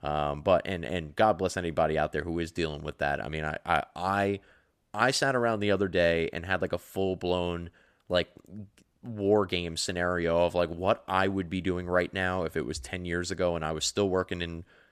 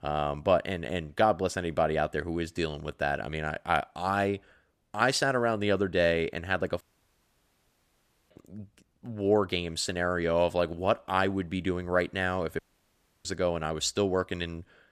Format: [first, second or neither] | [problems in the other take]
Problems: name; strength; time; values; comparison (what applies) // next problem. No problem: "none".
first | audio cutting out; at 7 s for 1.5 s and at 13 s for 0.5 s